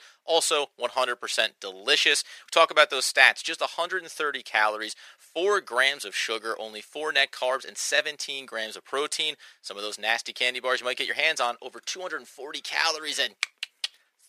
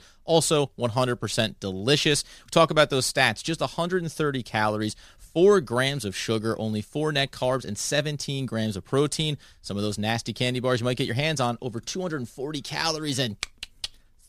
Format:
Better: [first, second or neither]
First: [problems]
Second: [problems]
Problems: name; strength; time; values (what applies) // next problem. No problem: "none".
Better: second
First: thin; very; fading below 500 Hz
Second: none